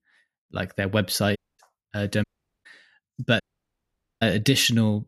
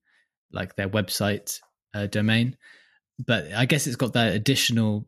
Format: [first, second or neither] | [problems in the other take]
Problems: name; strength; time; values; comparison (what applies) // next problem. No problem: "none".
second | audio cutting out; at 1.5 s, at 2 s and at 3.5 s for 1 s